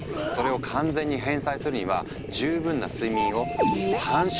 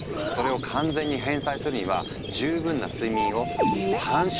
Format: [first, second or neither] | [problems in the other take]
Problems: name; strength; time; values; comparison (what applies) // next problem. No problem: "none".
first | background sound (Squeak); 15 dB below the speech